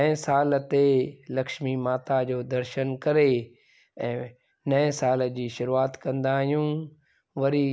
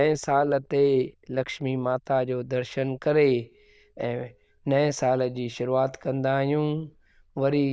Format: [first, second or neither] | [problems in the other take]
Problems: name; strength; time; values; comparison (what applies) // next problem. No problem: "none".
first | noise reduction (neural diffusion model UNIVERSE++)